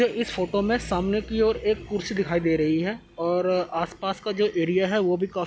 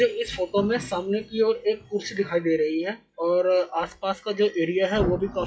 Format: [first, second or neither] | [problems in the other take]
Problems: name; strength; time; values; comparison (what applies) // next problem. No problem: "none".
first | noise reduction (classical method WPE with log-MMSE)